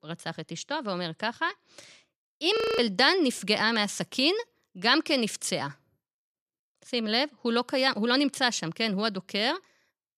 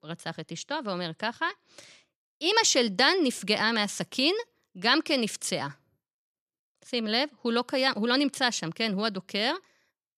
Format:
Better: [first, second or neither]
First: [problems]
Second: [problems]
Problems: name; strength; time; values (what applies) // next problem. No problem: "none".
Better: second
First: audio freezing; at 2.5 s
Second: none